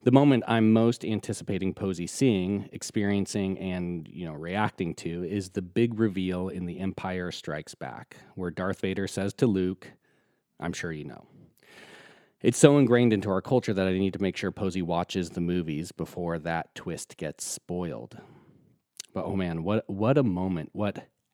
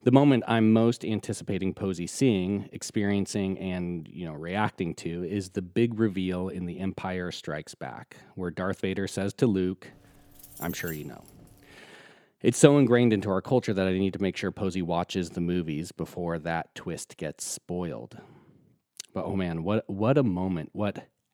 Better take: first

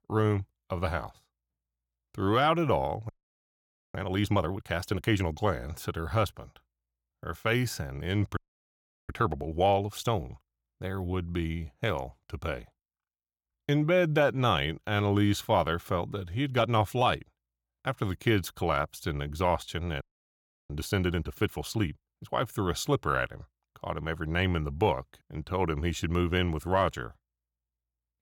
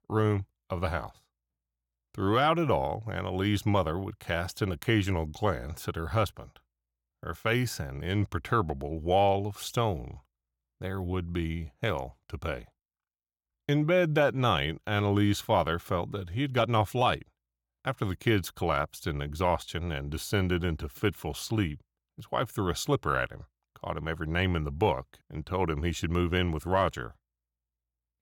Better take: second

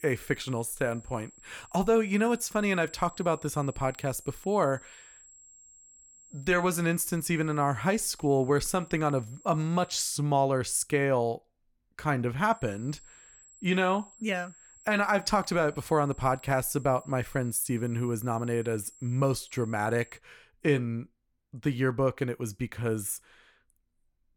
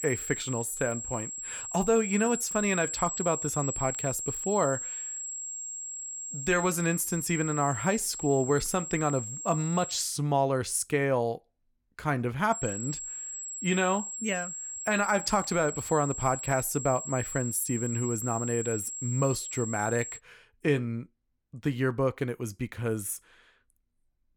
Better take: first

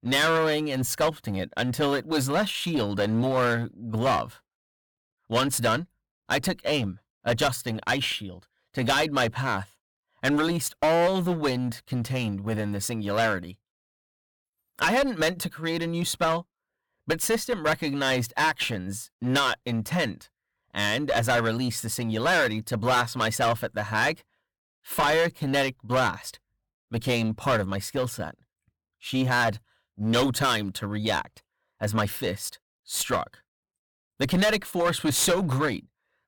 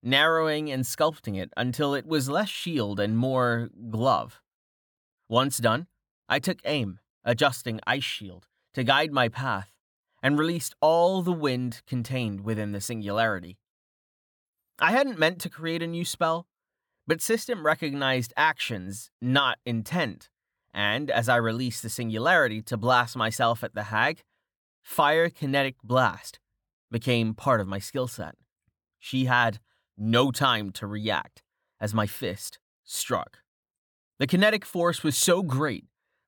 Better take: second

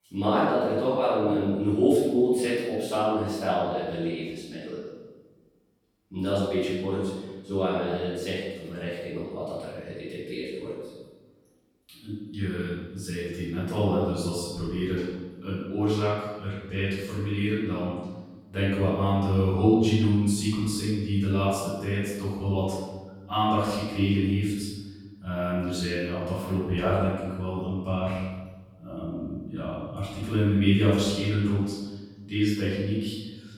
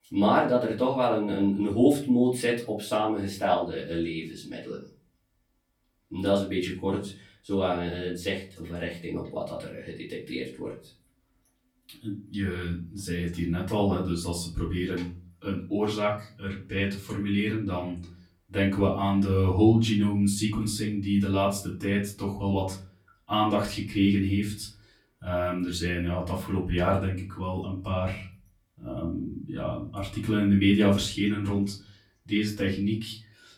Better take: second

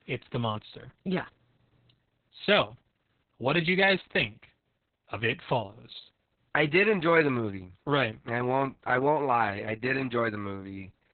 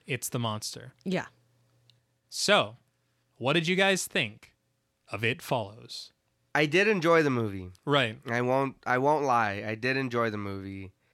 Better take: second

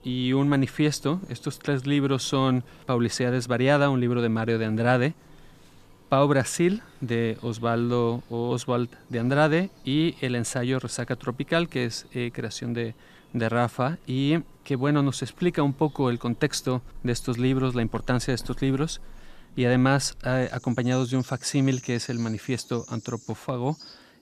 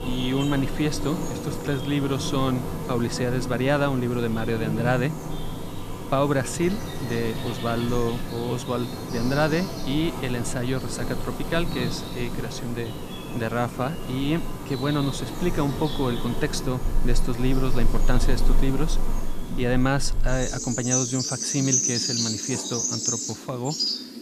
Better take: first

